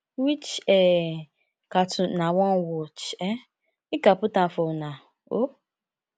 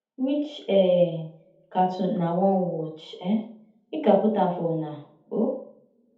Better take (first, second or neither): first